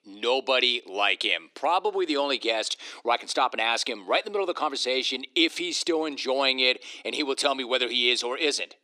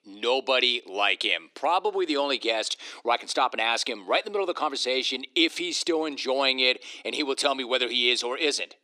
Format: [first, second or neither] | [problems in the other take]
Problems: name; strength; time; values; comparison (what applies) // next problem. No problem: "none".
neither | thin; somewhat; fading below 300 Hz; the same in both